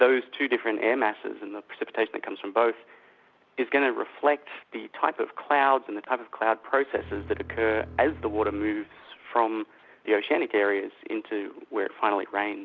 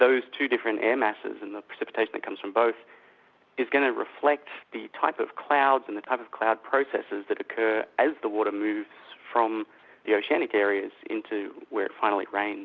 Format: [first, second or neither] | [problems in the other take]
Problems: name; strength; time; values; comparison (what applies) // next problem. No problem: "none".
second | background sound (Bowed string instrument); 17 dB below the speech